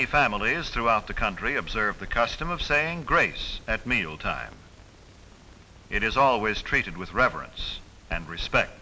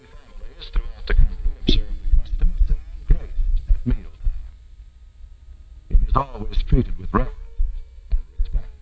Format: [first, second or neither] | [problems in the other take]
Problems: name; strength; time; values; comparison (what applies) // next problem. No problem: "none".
first | noise reduction (neural mask model DeepFilterNet 3)